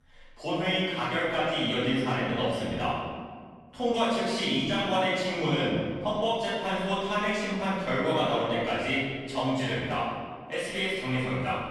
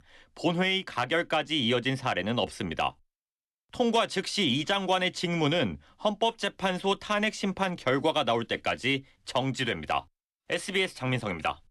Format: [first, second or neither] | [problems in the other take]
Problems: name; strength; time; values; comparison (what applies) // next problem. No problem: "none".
second | room echo; strong; dies away in 1.6 s // off-mic speech; far